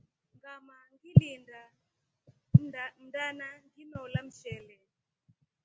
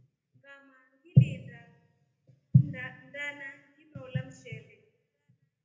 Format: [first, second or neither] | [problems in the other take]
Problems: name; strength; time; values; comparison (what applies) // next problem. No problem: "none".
first | room echo; dies away in 0.9 s